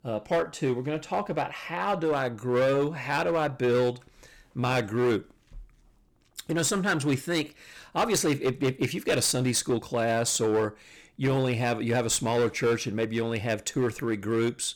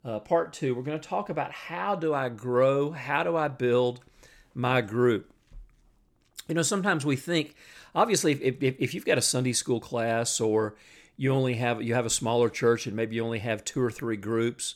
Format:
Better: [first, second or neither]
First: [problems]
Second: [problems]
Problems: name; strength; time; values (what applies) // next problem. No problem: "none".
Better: second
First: distortion; slight; 10% of the sound clipped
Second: none